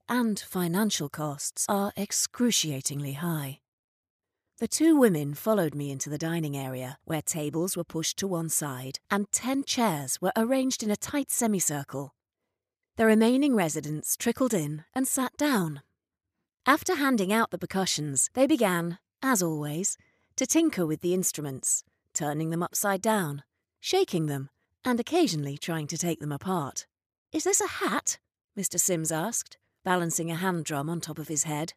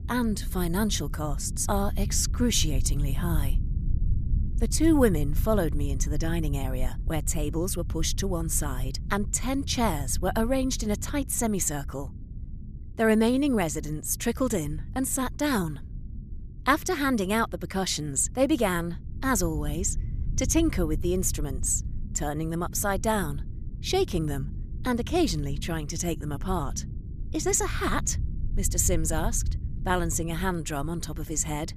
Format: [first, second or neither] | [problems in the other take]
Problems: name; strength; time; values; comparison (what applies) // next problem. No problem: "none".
first | low rumble; faint; throughout; 20 dB below the speech